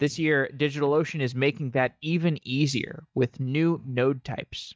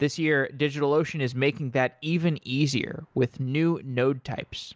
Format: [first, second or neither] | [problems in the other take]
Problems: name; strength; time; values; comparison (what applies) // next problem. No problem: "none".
second | noise reduction (neural mask model DeepFilterNet 3)